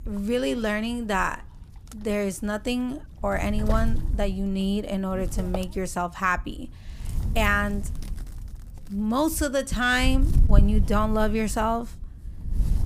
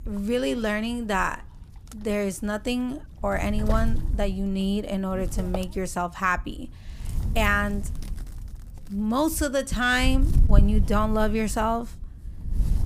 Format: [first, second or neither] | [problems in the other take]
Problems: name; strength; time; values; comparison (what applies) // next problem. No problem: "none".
neither | wind noise on the microphone; occasional gusts; 15 dB below the speech; the same in both